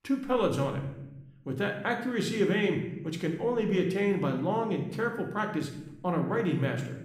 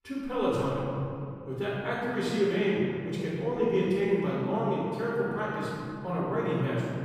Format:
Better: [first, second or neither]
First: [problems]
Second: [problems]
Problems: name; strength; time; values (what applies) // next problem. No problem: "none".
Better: first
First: room echo; slight; dies away in 0.8 s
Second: room echo; strong; dies away in 2.4 s // off-mic speech; far